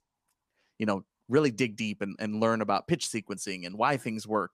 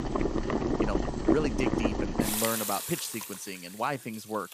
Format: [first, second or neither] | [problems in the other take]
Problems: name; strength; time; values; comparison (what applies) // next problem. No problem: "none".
first | household noises; very loud; throughout; 4 dB above the speech